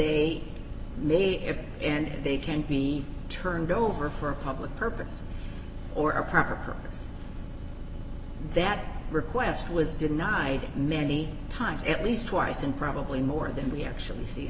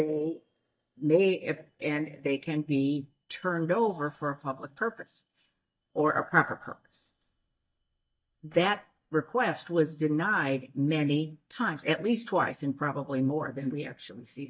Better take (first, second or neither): first